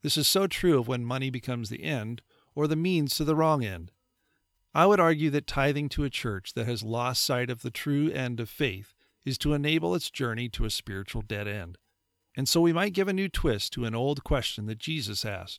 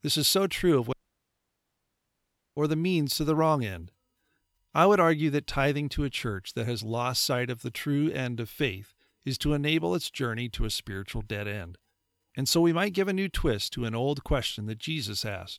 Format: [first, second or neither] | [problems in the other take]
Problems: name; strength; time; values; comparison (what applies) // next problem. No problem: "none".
first | audio cutting out; at 1 s for 1.5 s